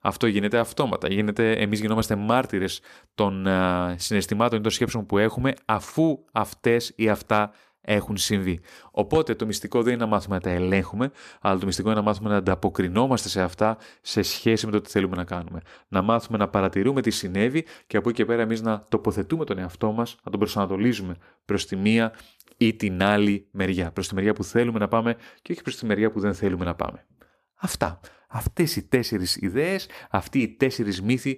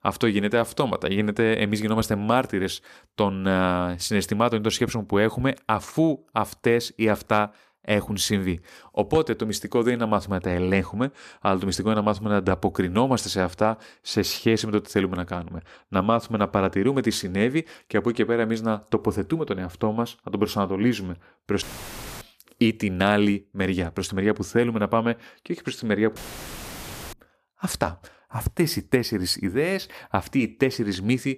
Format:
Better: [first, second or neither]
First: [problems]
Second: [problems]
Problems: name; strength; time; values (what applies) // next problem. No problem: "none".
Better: first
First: none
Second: audio cutting out; filled with static; at 22 s for 0.5 s and at 26 s for 1 s